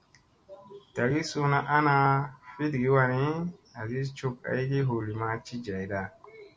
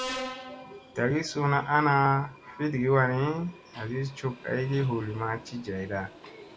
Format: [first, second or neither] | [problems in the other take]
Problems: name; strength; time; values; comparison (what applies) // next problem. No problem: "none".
first | background sound (Subway, metro, underground); 16 dB below the speech